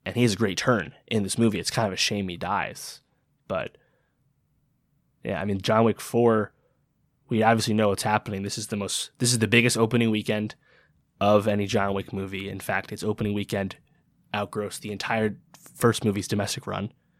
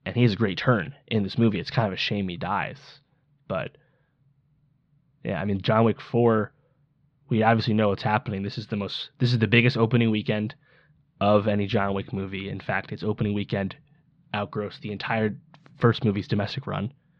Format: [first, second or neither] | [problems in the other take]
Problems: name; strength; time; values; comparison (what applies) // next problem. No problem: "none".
first | muffled; very slightly; fading above 4 kHz